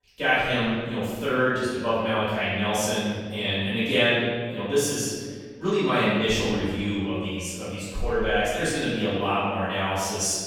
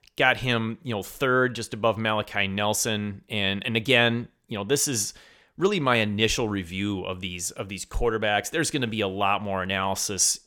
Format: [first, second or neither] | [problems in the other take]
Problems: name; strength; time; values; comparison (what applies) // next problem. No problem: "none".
second | room echo; strong; dies away in 1.5 s // off-mic speech; far